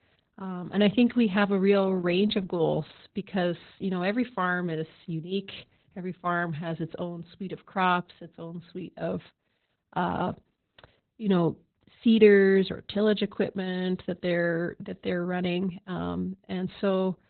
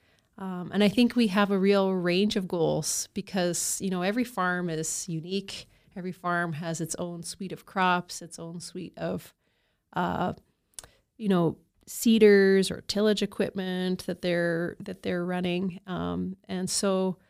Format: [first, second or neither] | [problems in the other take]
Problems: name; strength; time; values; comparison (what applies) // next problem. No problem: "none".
second | garbled, watery; badly; nothing above 4 kHz